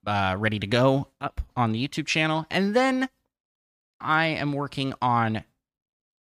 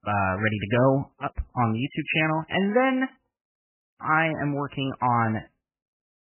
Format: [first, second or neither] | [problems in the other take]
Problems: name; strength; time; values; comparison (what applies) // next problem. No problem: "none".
first | garbled, watery; badly; nothing above 3 kHz